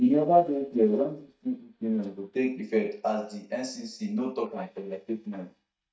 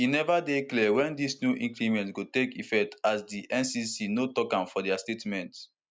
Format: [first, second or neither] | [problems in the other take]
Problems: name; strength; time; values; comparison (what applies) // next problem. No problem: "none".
second | noise reduction (neural mask model DeepFilterNet 3)